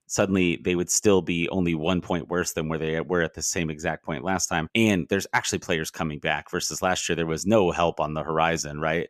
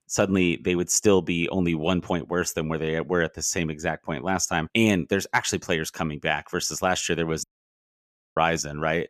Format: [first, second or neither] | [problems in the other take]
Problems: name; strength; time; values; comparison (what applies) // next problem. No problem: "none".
first | audio cutting out; at 7.5 s for 1 s